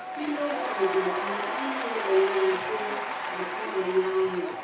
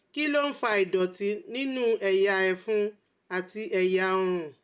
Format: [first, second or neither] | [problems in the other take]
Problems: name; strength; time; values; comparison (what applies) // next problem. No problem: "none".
second | background sound (Applause / Crowd / Cheering); 3 dB below the speech // room echo; dies away in 0.6 s